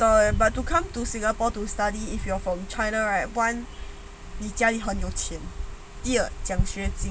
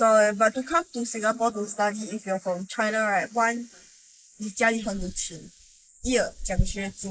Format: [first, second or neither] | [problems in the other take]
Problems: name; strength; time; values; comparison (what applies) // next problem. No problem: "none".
first | noise reduction (neural mask model Resemble Enhance denoiser)